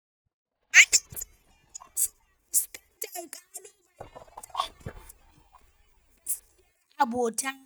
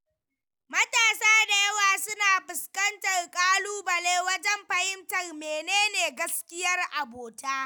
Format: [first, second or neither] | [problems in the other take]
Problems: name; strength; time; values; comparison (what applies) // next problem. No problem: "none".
second | noise reduction (neural mask model DeepFilterNet 3)